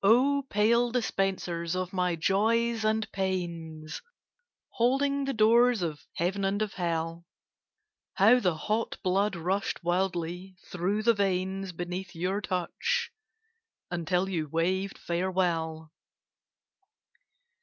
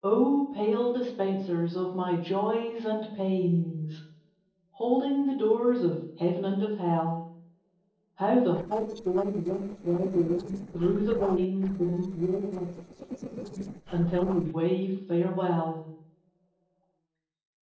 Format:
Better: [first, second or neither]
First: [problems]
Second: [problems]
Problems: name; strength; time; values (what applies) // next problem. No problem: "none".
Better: first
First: none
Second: noise reduction (neural separator model SepFormer DNS4)